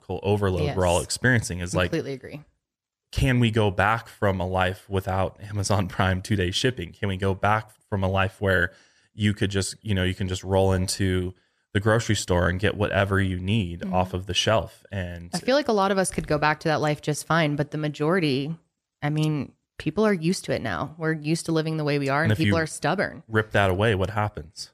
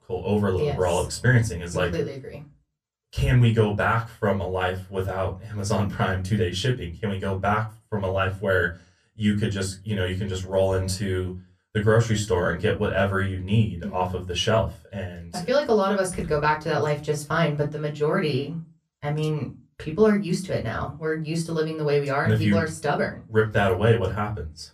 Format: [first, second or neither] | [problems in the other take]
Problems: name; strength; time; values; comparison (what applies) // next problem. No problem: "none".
first | off-mic speech; far // room echo; very slight; dies away in 0.2 s